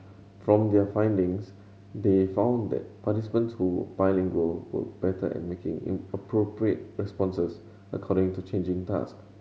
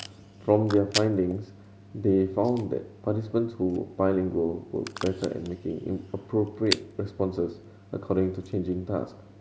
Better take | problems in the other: first | background sound (Packing tape, duct tape / Tearing); 14 dB below the speech

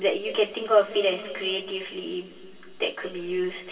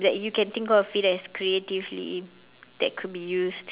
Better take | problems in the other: second | room echo; dies away in 2.3 s

